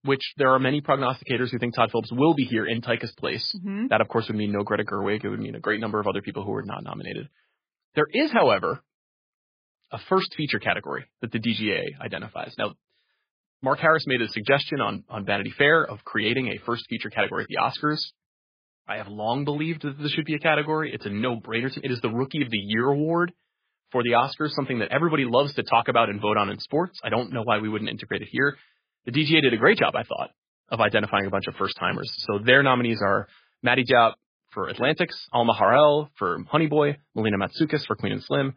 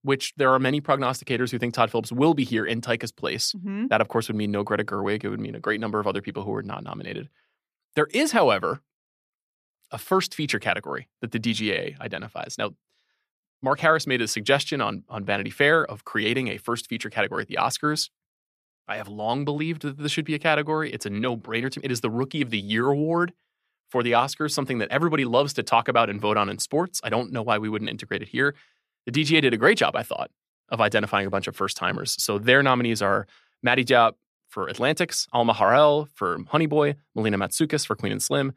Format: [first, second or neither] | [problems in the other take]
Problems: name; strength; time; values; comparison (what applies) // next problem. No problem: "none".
second | garbled, watery; badly; nothing above 5 kHz